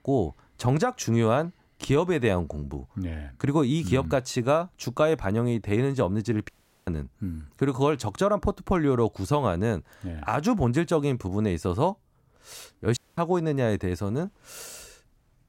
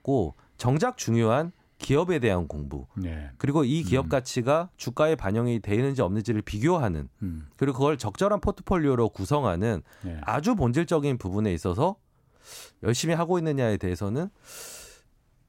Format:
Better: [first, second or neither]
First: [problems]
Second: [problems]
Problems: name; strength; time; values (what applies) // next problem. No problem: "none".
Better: second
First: audio cutting out; at 6.5 s and at 13 s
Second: none